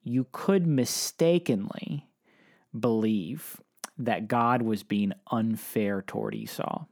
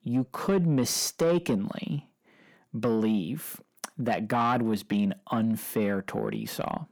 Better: first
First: none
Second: distortion; slight; 10 dB below the speech

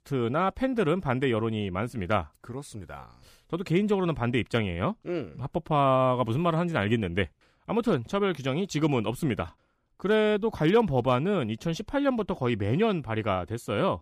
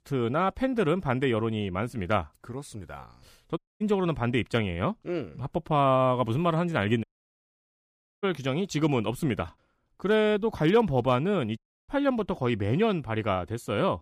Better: first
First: none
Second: audio cutting out; at 3.5 s, at 7 s for 1 s and at 12 s

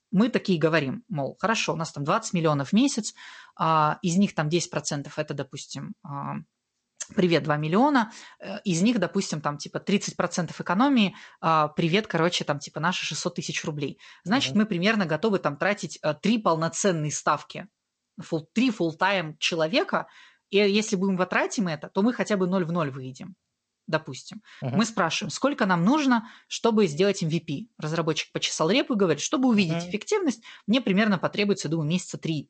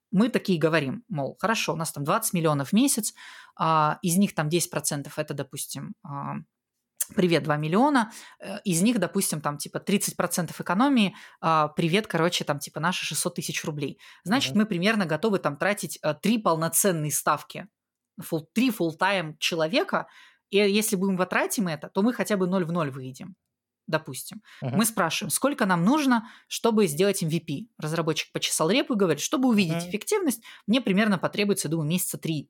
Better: second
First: garbled, watery; slightly; nothing above 8 kHz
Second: none

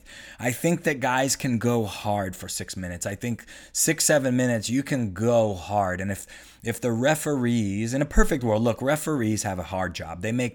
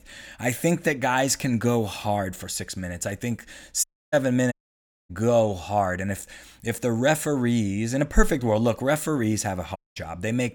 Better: first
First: none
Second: audio cutting out; at 4 s, at 4.5 s for 0.5 s and at 10 s

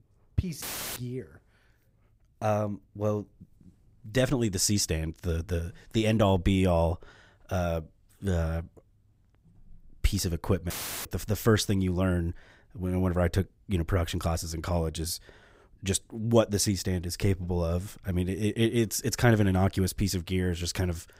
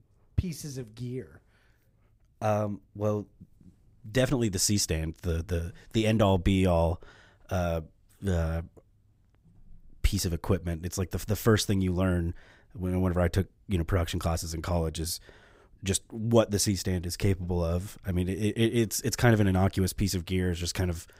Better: second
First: audio cutting out; filled with static; at 0.5 s and at 11 s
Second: none

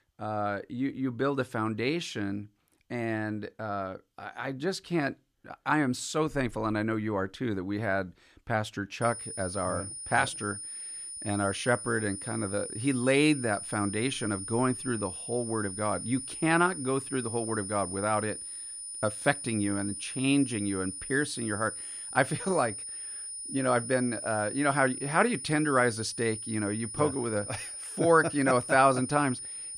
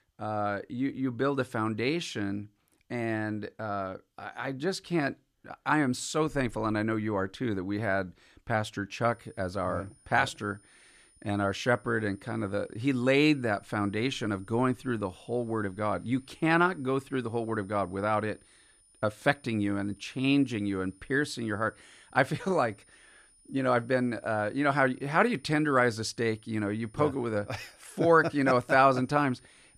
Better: second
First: high-pitched whine; loud; from 9 s on; 9.5 kHz, 7 dB below the speech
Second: high-pitched whine; faint; from 9 s on; 9.5 kHz, 30 dB below the speech

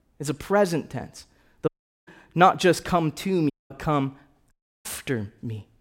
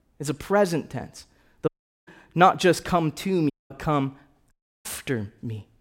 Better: neither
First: audio cutting out; at 1.5 s, at 3.5 s and at 4.5 s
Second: audio cutting out; at 1.5 s, at 3.5 s and at 4.5 s

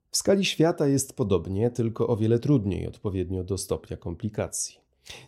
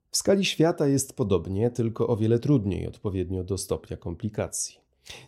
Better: neither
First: none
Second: none

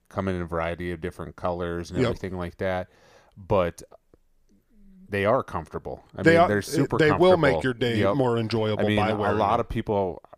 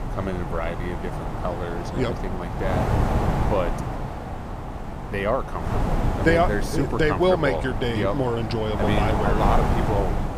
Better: first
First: none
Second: wind noise on the microphone; heavy; 5 dB below the speech

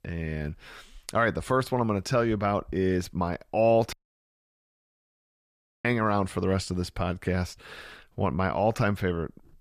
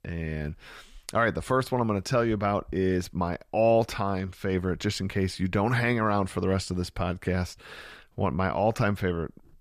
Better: second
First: audio cutting out; at 4 s for 2 s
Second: none

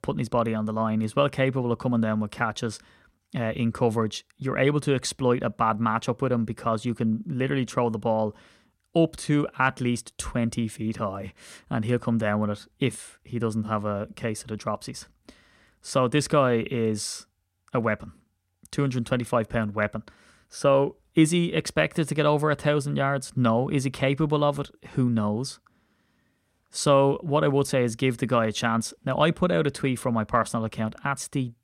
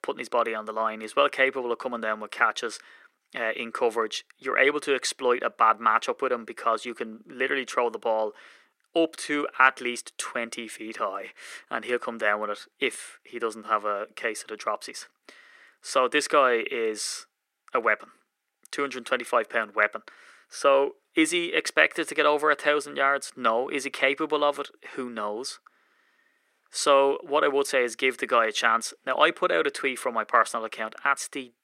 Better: first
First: none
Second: thin; very; fading below 350 Hz

